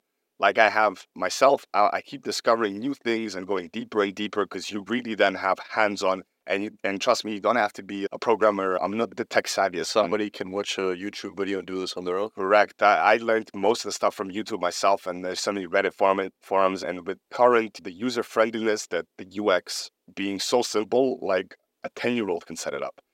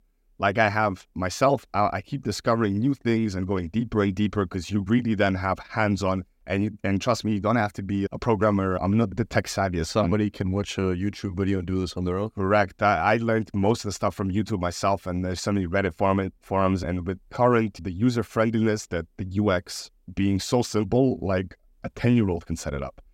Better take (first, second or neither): second